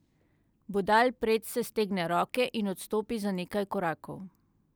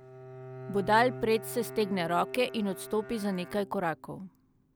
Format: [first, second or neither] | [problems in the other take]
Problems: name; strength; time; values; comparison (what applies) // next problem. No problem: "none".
first | background sound (Bowed string instrument); 13 dB below the speech